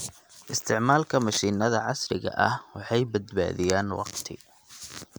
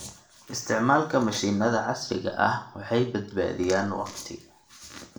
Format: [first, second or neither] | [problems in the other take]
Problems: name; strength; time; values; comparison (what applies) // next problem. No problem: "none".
first | room echo; dies away in 0.4 s